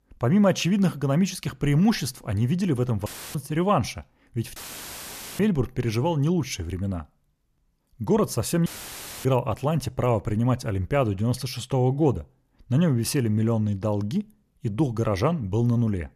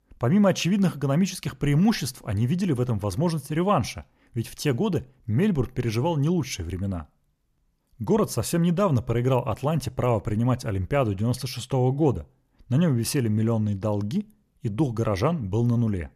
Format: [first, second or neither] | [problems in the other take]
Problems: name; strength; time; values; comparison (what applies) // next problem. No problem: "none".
second | audio cutting out; filled with static; at 3 s, at 4.5 s for 1 s and at 8.5 s for 0.5 s